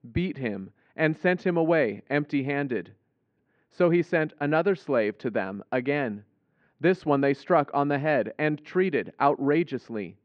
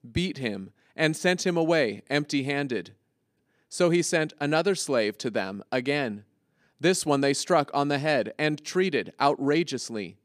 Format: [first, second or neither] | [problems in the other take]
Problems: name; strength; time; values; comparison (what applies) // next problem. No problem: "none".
second | muffled; very; fading above 2.5 kHz